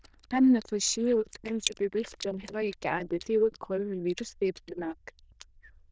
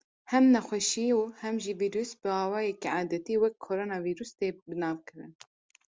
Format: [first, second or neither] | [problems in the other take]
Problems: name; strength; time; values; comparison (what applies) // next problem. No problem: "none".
second | noise reduction (neural diffusion model UNIVERSE++)